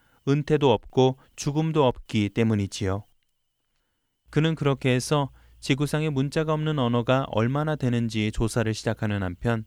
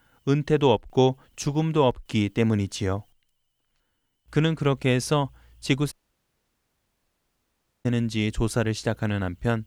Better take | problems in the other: first | audio cutting out; at 6 s for 2 s

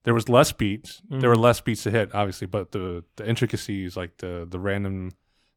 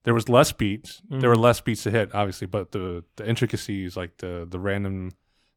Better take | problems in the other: neither | none

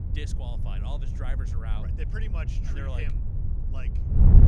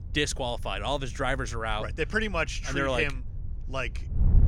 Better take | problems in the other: second | wind noise on the microphone; heavy; 2 dB below the speech; occasional gusts in the second

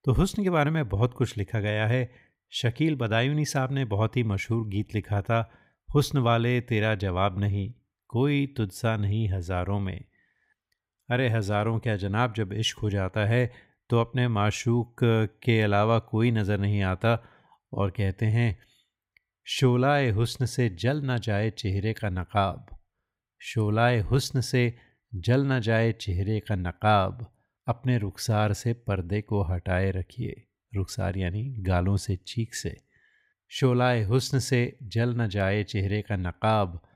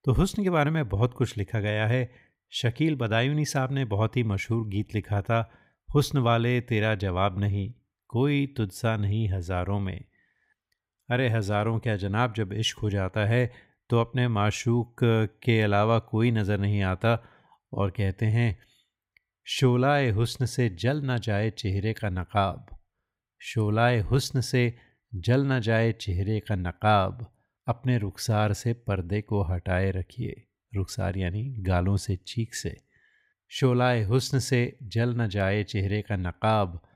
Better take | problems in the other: neither | none

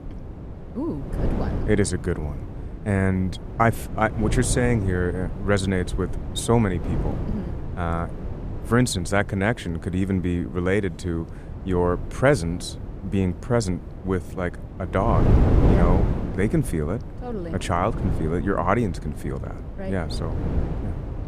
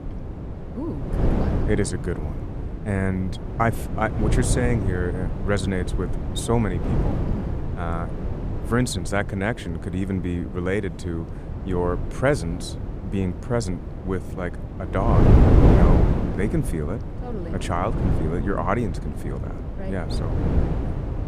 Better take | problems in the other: first | wind noise on the microphone; heavy; 4 dB below the speech; occasional gusts in the first

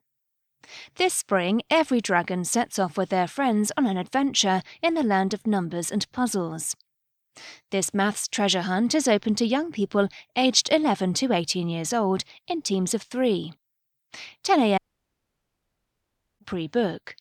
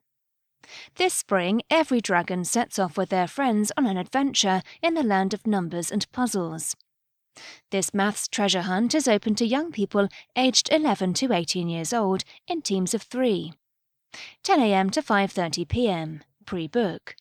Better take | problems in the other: second | audio cutting out; at 15 s for 1.5 s

